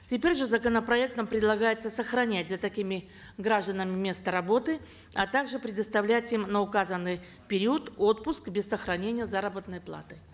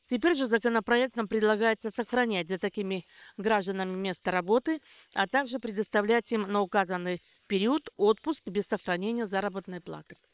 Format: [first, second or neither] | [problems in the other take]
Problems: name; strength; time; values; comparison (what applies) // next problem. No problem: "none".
first | noise reduction (neural separator model SepFormer WHAM!)